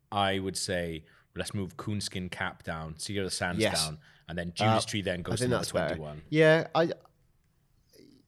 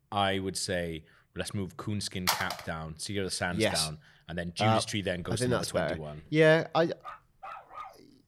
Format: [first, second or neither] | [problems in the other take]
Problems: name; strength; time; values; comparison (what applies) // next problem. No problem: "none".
first | phone ringing; noticeable; at 2.5 s; peak level with the speech // dog barking; faint; at 7 s; peak 15 dB below the speech